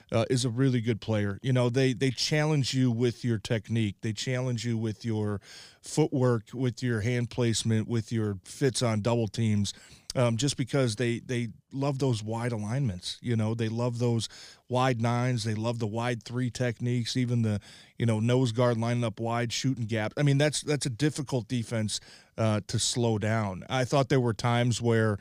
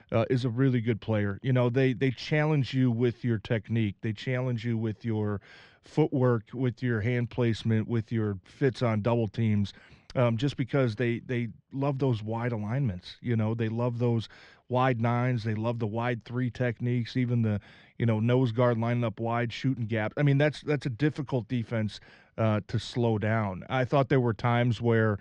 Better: first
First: none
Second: muffled; slightly; fading above 2 kHz

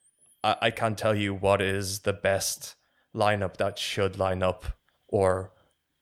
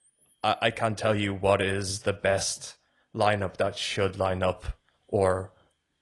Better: first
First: none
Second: garbled, watery; slightly; nothing above 10.5 kHz

